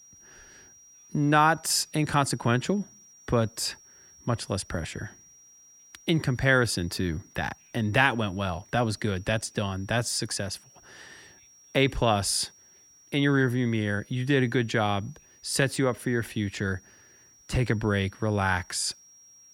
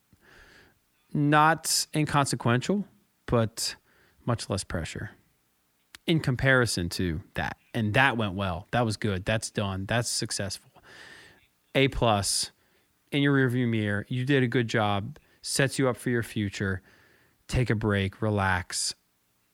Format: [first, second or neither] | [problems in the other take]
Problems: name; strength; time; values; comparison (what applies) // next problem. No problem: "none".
second | high-pitched whine; faint; throughout; 5.5 kHz, 25 dB below the speech